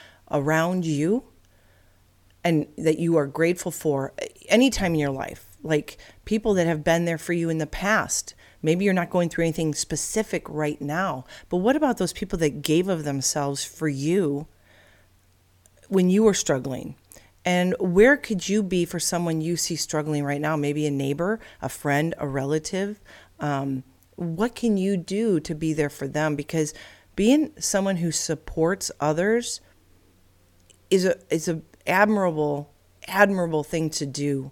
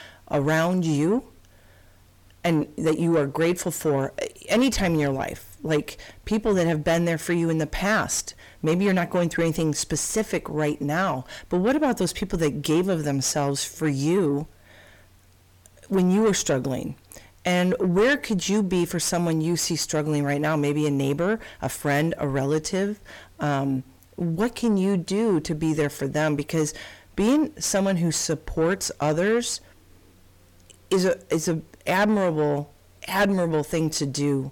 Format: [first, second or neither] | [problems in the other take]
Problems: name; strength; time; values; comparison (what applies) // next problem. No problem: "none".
first | distortion; slight; 10 dB below the speech